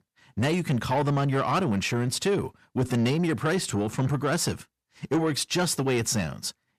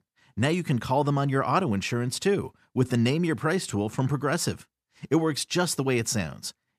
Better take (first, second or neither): second